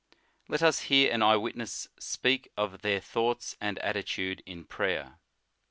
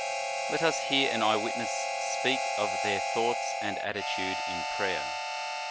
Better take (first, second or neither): first